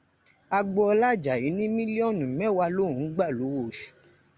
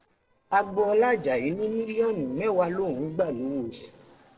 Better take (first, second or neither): first